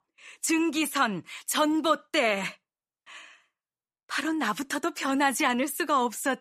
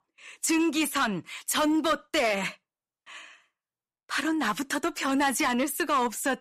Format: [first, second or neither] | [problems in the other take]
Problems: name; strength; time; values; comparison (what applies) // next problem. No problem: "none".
first | distortion; slight; 4% of the sound clipped